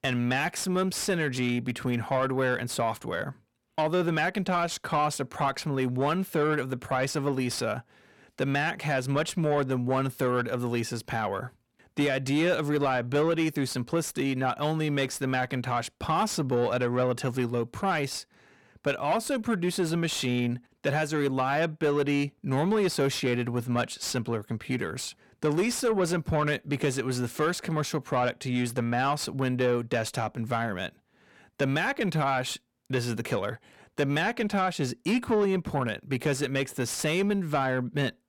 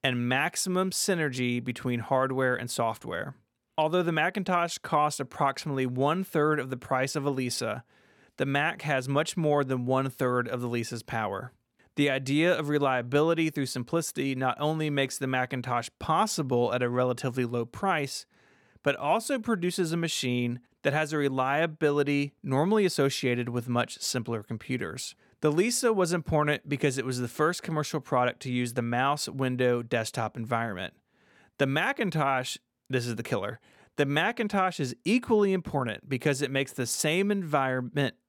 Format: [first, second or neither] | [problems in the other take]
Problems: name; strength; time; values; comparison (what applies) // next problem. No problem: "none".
second | distortion; slight; 10 dB below the speech